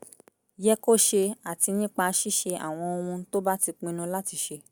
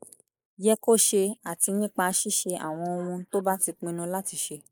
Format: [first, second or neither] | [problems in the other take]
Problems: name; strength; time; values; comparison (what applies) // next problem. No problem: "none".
first | noise reduction (neural mask model Resemble Enhance denoiser)